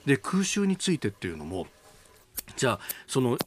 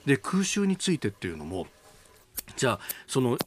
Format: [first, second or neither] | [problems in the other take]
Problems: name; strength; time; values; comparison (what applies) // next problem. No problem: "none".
neither | household noises; noticeable; throughout; 10 dB below the speech; the same in both